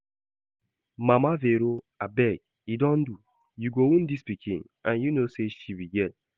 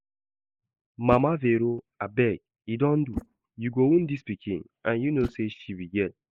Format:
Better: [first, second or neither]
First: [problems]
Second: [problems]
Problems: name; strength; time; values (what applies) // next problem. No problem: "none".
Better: first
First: none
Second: noise reduction (neural mask model Resemble Enhance denoiser)